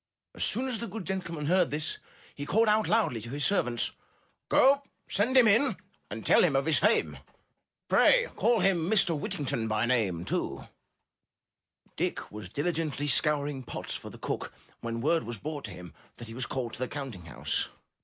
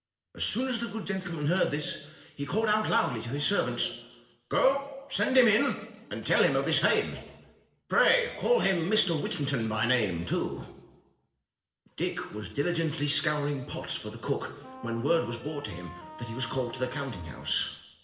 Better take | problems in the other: first | background sound (Wind instrument, woodwind instrument); 16 dB below the speech // room echo; dies away in 0.9 s

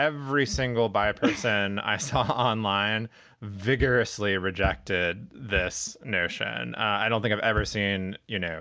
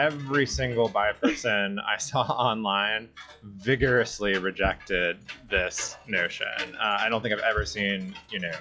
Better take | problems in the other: first | noise reduction (classical method log-MMSE)

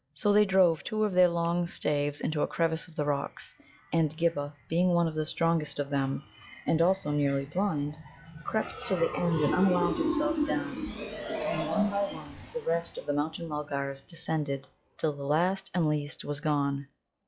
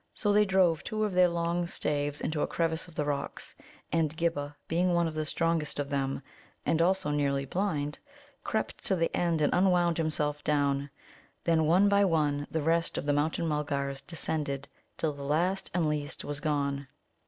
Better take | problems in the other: second | noise reduction (classical method log-MMSE)

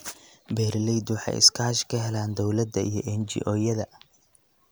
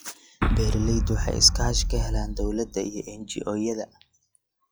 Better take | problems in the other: first | noise reduction (classical method log-MMSE)

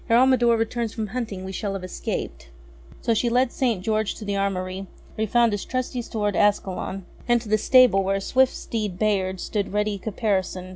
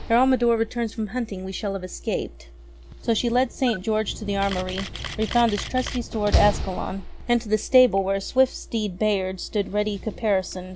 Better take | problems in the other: first | background sound (Camera + Slam); 10 dB below the speech

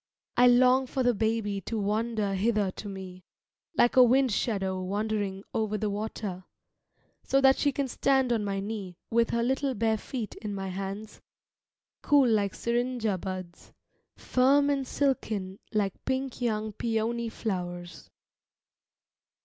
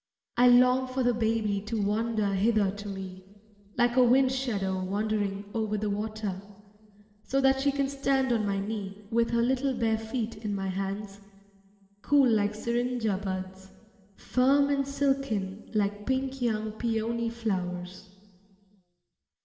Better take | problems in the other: first | room echo; dies away in 3 s

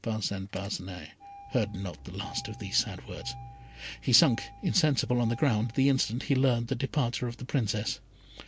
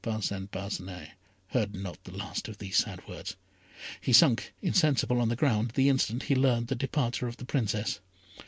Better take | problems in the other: second | background sound (Engine starting); 19 dB below the speech

